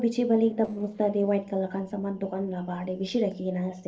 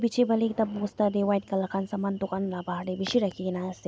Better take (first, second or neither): second